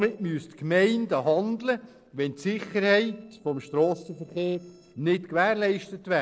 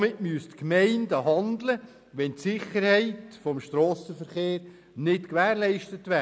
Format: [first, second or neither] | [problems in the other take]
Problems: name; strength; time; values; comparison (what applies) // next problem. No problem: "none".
second | noise reduction (neural separator model SepFormer DNS4)